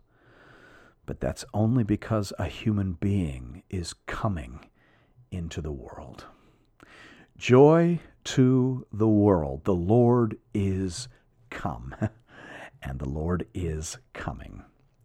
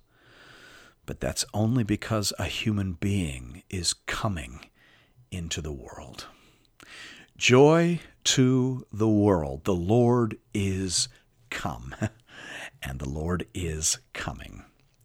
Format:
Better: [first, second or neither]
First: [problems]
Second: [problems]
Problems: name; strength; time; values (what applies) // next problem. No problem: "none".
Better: second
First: muffled; slightly; fading above 2 kHz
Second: none